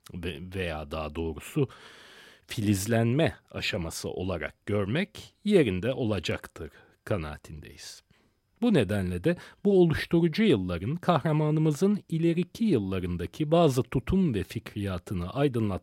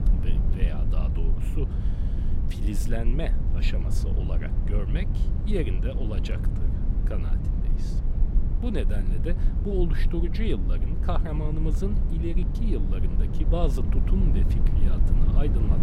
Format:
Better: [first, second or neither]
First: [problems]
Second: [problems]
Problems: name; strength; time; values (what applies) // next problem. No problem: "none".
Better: first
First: none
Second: low rumble; loud; throughout; 5 dB below the speech